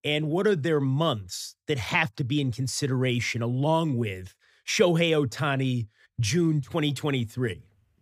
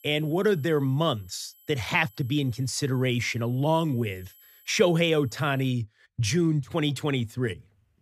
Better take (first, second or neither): first